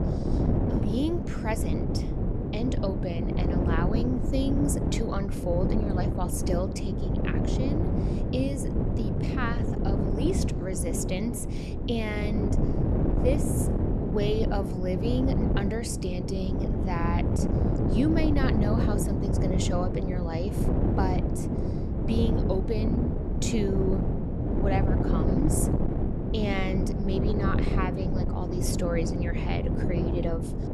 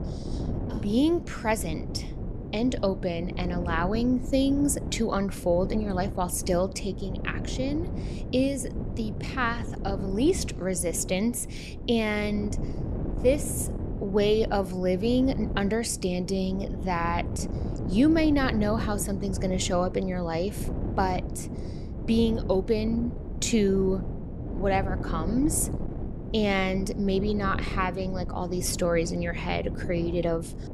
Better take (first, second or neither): second